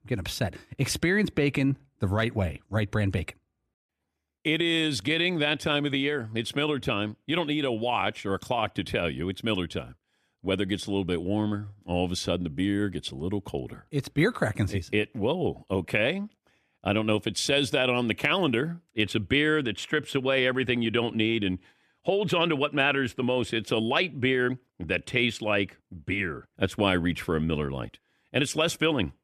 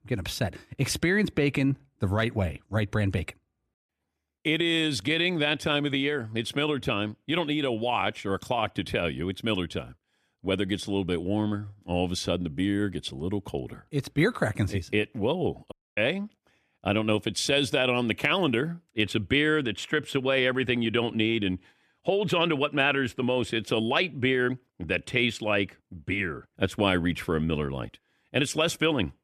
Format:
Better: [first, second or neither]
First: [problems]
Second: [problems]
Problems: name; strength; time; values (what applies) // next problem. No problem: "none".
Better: first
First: none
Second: audio cutting out; at 16 s